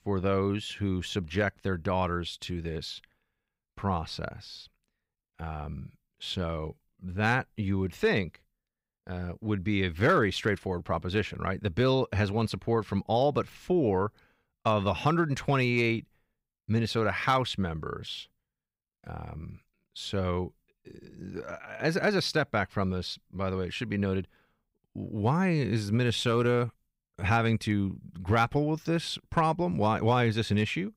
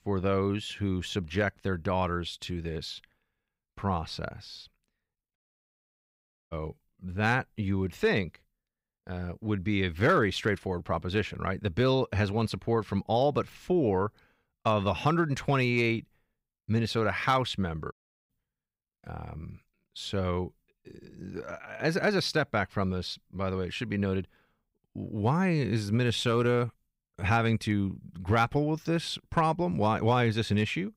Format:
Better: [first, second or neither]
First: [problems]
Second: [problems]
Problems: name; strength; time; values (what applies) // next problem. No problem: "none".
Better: first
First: none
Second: audio cutting out; at 5.5 s for 1 s and at 18 s